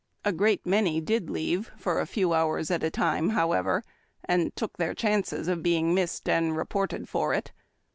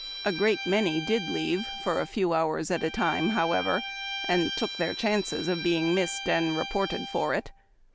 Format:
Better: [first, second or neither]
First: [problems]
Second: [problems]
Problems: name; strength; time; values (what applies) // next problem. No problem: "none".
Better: first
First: none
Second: background sound (Bowed string instrument); 9 dB below the speech